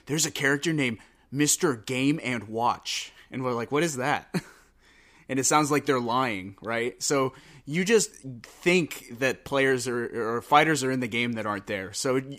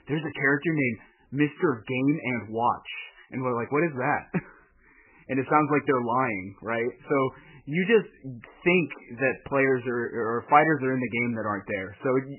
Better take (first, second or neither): first